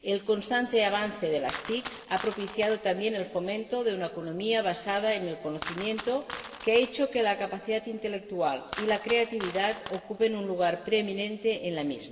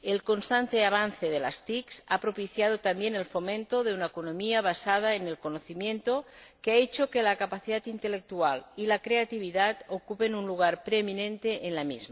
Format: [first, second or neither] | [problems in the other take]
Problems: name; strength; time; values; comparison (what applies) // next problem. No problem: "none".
second | background sound (Coin (dropping)); 14 dB below the speech // room echo; dies away in 1.6 s